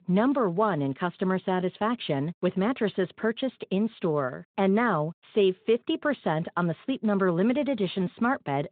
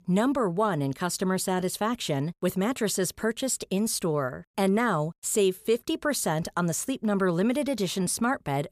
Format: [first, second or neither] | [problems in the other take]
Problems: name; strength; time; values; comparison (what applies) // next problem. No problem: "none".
second | phone-call audio; nothing above 3.5 kHz